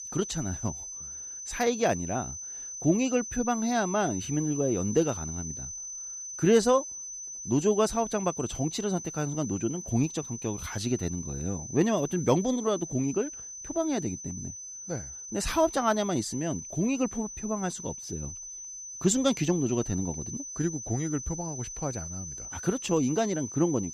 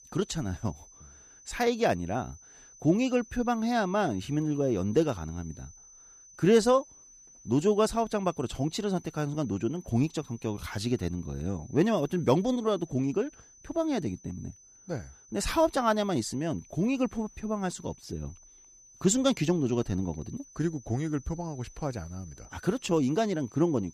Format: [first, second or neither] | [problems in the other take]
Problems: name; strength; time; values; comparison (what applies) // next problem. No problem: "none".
second | high-pitched whine; loud; throughout; 6 kHz, 8 dB below the speech; faint in the second